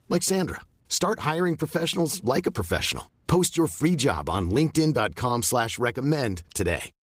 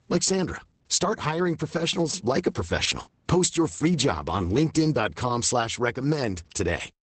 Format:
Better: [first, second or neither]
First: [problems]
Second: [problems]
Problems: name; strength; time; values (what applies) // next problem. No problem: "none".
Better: first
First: garbled, watery; slightly; nothing above 15.5 kHz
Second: garbled, watery; badly; nothing above 8 kHz